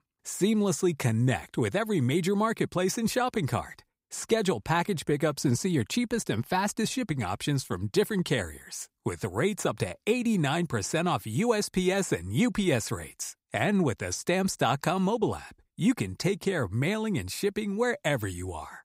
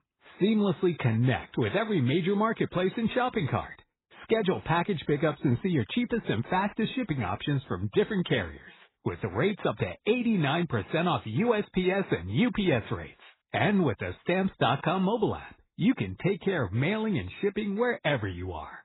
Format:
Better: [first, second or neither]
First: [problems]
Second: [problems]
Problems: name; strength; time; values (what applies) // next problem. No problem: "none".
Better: first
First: none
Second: garbled, watery; badly; nothing above 4 kHz